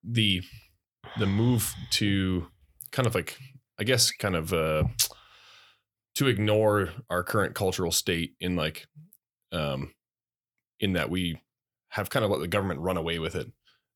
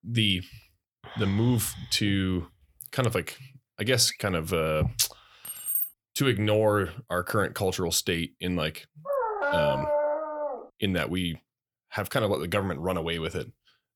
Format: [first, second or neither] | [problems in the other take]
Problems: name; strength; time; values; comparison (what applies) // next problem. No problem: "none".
first | jangling keys; loud; at 5.5 s; peak 1 dB above the speech // dog barking; loud; from 9 to 11 s; peak 2 dB above the speech